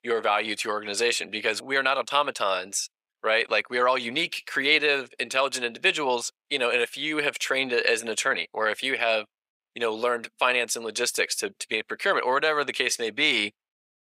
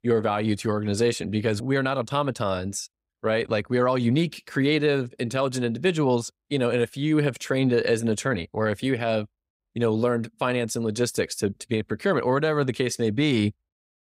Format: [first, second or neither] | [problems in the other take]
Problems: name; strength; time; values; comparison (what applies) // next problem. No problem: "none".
second | thin; very; fading below 650 Hz